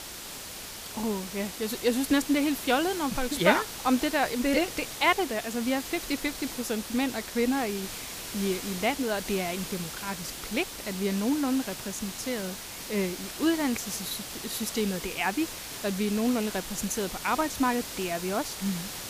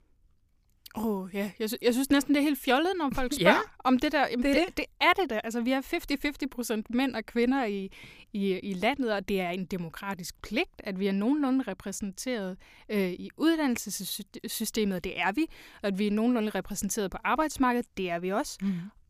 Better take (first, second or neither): second